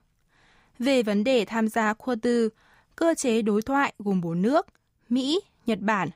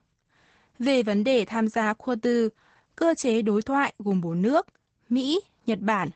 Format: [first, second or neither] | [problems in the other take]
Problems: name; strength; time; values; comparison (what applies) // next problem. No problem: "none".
first | garbled, watery; badly; nothing above 8 kHz